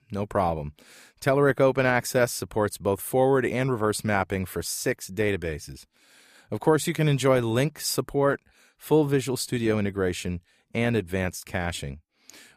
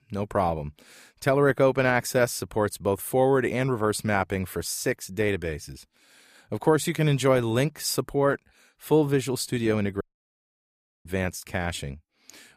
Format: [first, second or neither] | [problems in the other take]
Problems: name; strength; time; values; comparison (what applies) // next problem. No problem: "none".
first | audio cutting out; at 10 s for 1 s